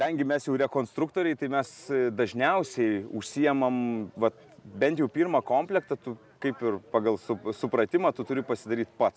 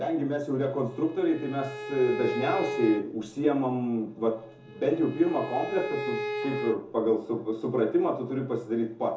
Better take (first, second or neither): first